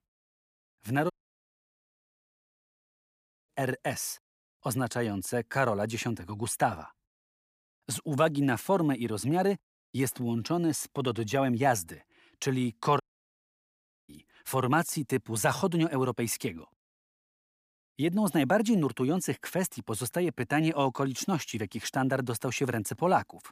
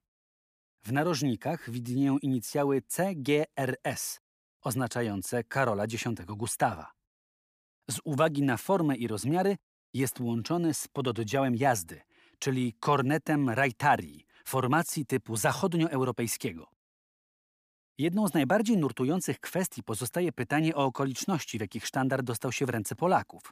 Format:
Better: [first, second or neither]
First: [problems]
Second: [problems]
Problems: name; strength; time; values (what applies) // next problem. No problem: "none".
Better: second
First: audio cutting out; at 1 s for 2.5 s and at 13 s for 1 s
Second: none